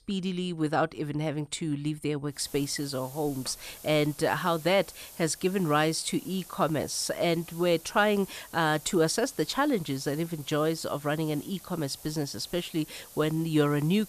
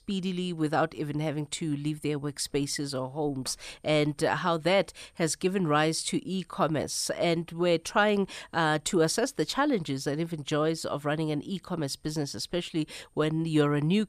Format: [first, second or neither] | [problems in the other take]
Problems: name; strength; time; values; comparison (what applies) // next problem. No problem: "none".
second | hiss; noticeable; from 2.5 s on; 20 dB below the speech